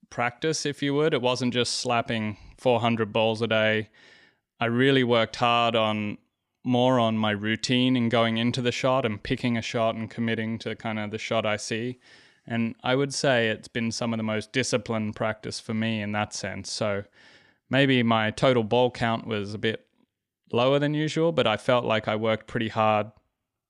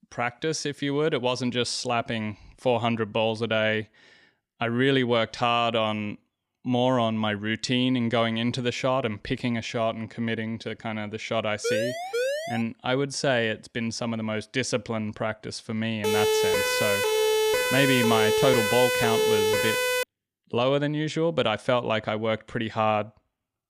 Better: first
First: none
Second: siren; noticeable; at 12 s; peak 1 dB below the speech // siren; loud; from 16 to 20 s; peak 4 dB above the speech

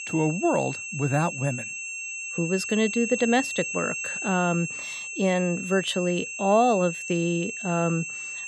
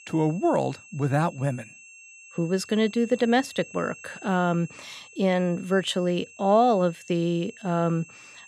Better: second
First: high-pitched whine; loud; throughout; 2.5 kHz, 6 dB below the speech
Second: high-pitched whine; faint; throughout; 2.5 kHz, 20 dB below the speech

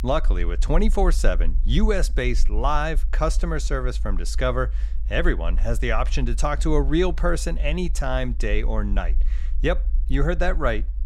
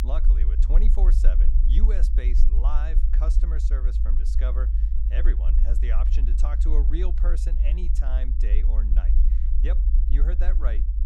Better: first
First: low rumble; faint; throughout; 25 dB below the speech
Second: low rumble; loud; throughout; 5 dB below the speech

